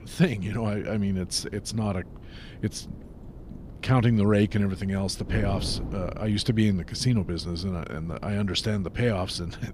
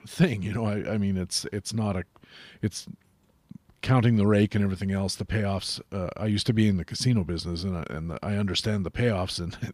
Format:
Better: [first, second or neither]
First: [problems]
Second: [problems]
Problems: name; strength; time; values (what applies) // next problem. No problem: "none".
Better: second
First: wind noise on the microphone; occasional gusts; 20 dB below the speech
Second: none